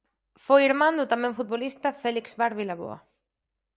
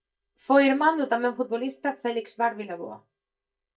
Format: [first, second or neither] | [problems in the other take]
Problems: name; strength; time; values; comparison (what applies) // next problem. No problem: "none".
first | noise reduction (neural mask model DeepFilterNet 3)